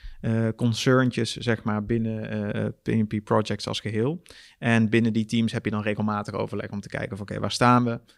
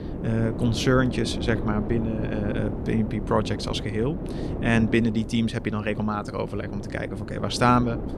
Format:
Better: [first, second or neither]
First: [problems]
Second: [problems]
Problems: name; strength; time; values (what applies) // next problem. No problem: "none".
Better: first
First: none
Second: wind noise on the microphone; heavy; 10 dB below the speech